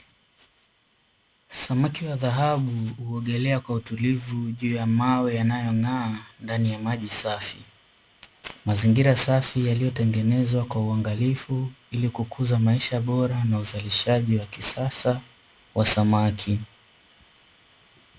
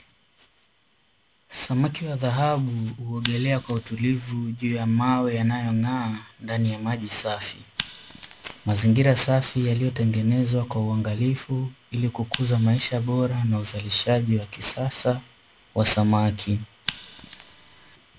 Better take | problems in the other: first | background sound (Scissors); 19 dB below the speech

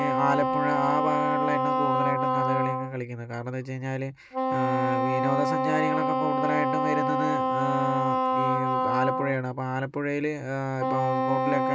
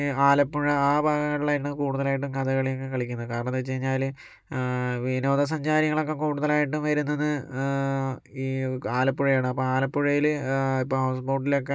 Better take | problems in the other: second | background sound (Wind instrument, woodwind instrument); 3 dB above the speech

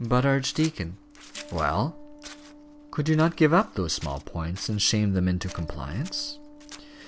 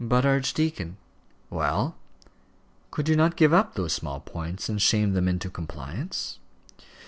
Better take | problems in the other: second | background sound (Acoustic guitar + Scissors); 19 dB below the speech

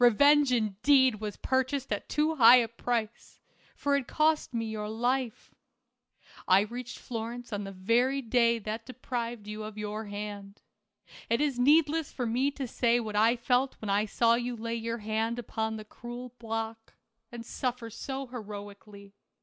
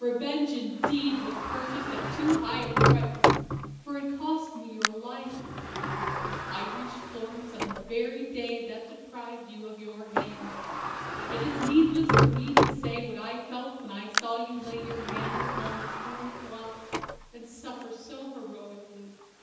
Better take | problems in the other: first | background sound (Sliding door); 2 dB above the speech // room echo; dies away in 1.1 s

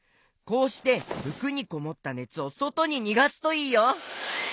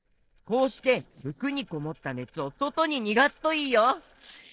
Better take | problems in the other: first | noise reduction (neural separator model SepFormer DNS4)

